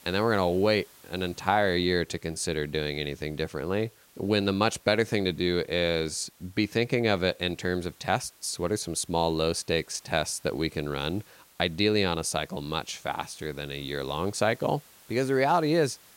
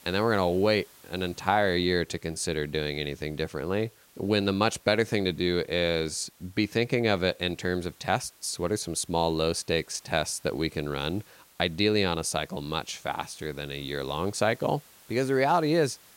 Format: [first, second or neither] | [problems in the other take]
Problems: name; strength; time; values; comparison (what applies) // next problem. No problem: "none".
neither | hiss; faint; throughout; 25 dB below the speech; the same in both